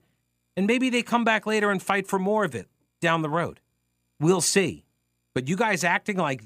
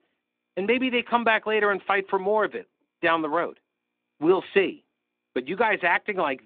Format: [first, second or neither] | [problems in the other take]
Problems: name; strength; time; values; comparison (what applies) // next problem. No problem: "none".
first | phone-call audio